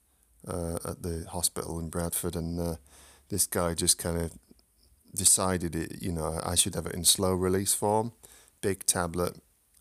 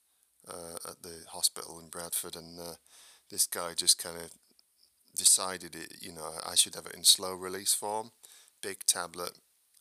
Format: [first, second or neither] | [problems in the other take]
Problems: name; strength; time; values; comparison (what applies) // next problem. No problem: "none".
first | thin; somewhat; fading below 1 kHz